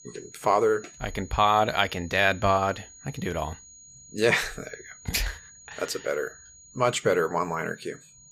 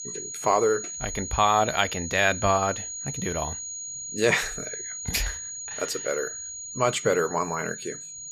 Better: first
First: high-pitched whine; faint; throughout; 6.5 kHz, 20 dB below the speech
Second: high-pitched whine; loud; throughout; 6.5 kHz, 7 dB below the speech

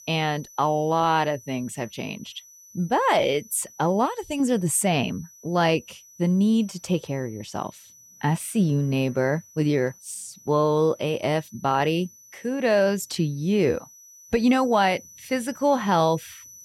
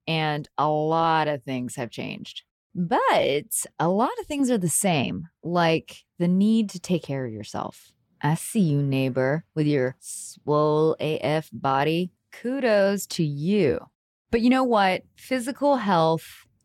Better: second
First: high-pitched whine; faint; throughout; 6 kHz, 25 dB below the speech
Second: none

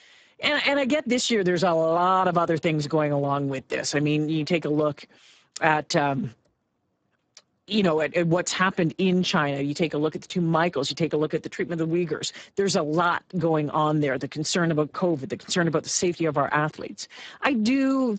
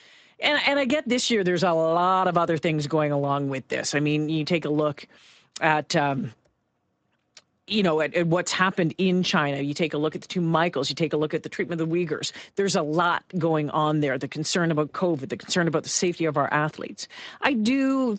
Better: second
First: garbled, watery; badly; nothing above 7.5 kHz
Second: garbled, watery; slightly; nothing above 7.5 kHz

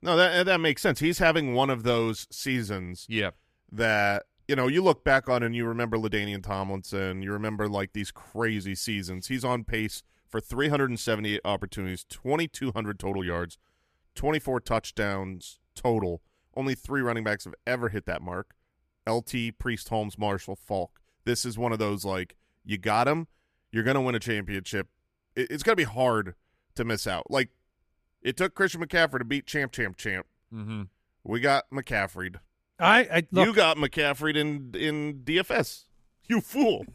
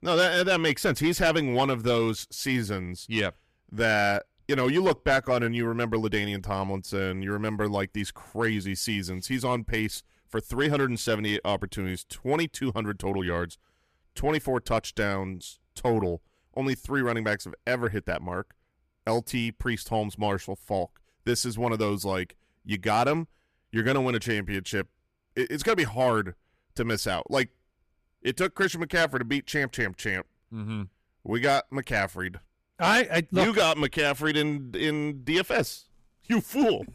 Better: first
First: none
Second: distortion; slight; 10 dB below the speech

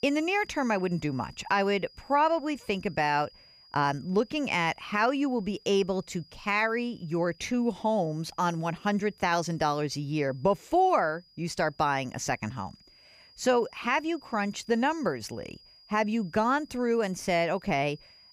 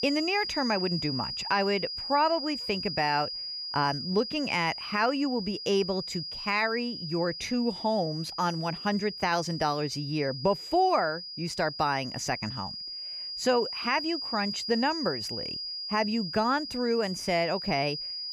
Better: first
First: high-pitched whine; faint; throughout; 5 kHz, 25 dB below the speech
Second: high-pitched whine; loud; throughout; 5 kHz, 5 dB below the speech

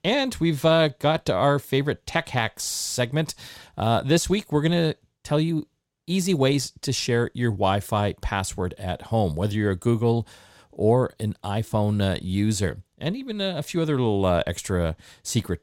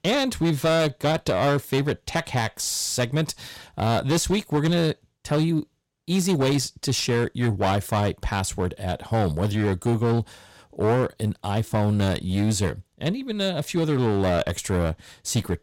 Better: first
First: none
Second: distortion; slight; 11% of the sound clipped

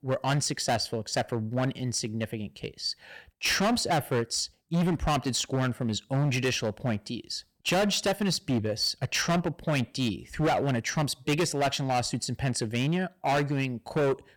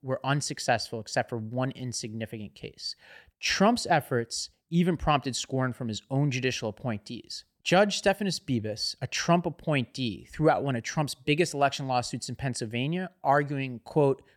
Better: second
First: distortion; heavy; 12% of the sound clipped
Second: none

